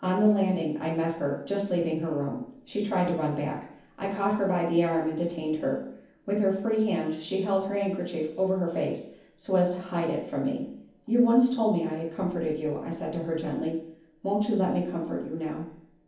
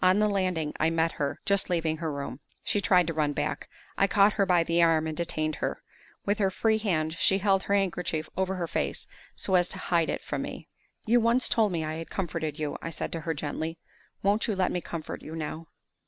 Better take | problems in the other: second | room echo; dies away in 0.7 s

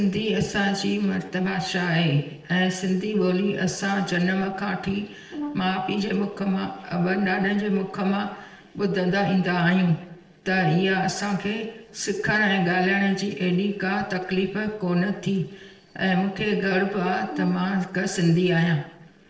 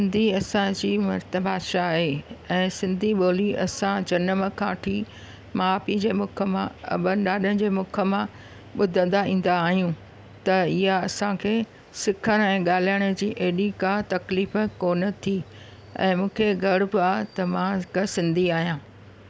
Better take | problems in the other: second | noise reduction (neural separator model SepFormer DNS4)

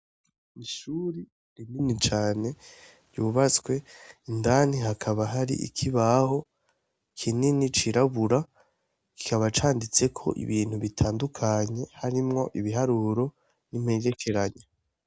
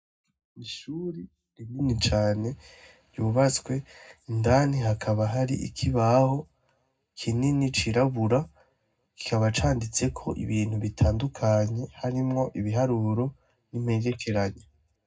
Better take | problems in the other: first | room echo; dies away in 0.3 s

